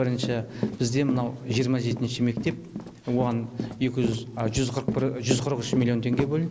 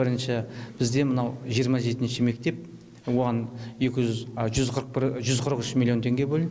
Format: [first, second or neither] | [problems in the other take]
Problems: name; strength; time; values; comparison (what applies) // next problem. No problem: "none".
second | background sound (Run); 8 dB below the speech